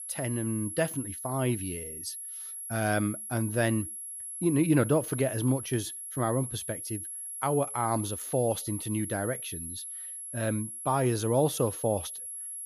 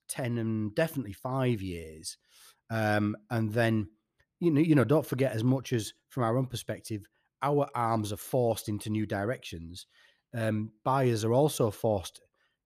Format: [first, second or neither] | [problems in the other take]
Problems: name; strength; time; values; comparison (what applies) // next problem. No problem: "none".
second | high-pitched whine; loud; throughout; 11 kHz, 7 dB below the speech